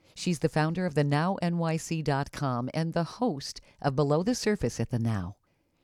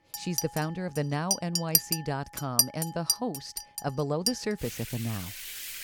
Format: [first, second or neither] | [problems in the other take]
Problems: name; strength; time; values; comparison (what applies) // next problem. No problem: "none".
first | household noises; very loud; throughout; 4 dB above the speech